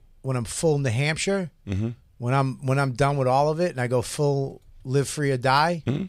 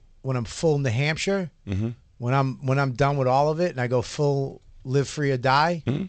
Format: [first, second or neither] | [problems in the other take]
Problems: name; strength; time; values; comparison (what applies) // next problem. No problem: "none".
first | garbled, watery; slightly; nothing above 8 kHz